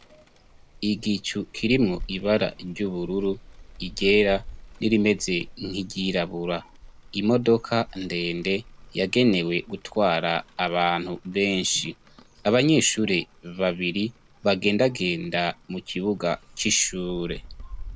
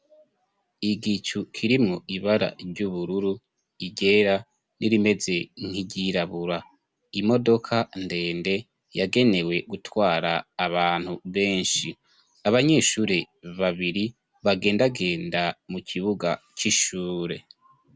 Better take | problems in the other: second | background sound (Rain); 18 dB below the speech

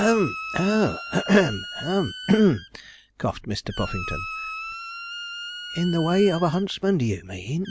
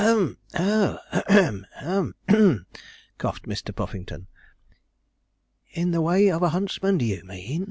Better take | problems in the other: second | background sound (Squeak); 12 dB below the speech

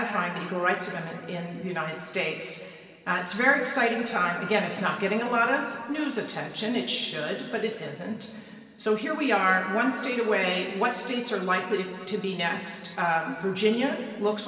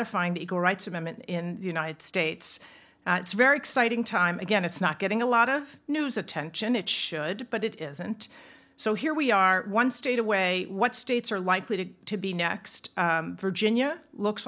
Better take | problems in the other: second | room echo; dies away in 2.3 s

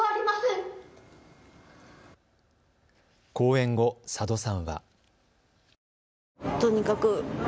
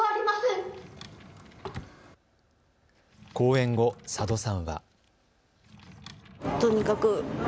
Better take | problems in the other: first | background sound (Drawer open or close); 16 dB below the speech

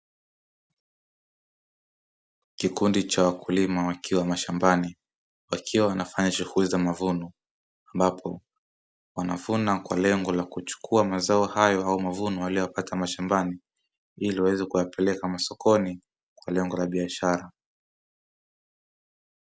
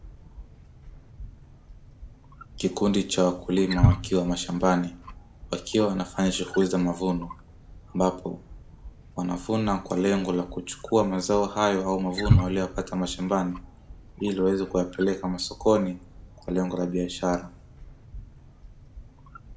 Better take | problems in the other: first | background sound (Wild animals); 6 dB below the speech // room echo; dies away in 0.4 s

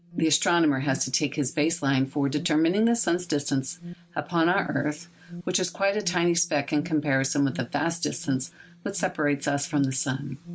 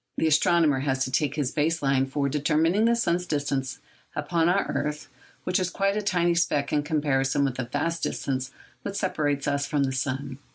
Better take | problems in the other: second | background sound (Alarm); 17 dB below the speech

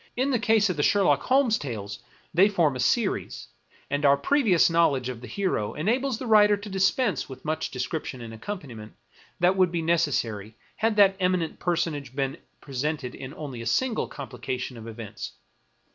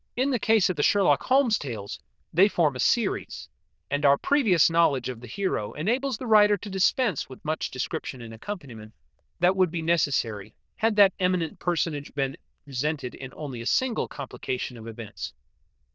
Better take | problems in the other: first | noise reduction (neural diffusion model UNIVERSE++)

